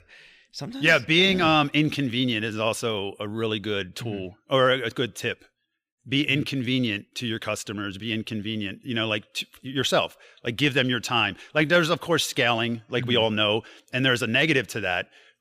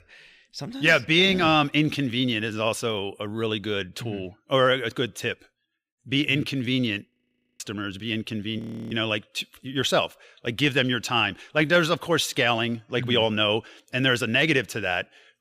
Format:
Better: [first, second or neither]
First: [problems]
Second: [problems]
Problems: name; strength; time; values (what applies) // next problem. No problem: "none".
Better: first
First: none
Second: audio freezing; at 7 s for 0.5 s and at 8.5 s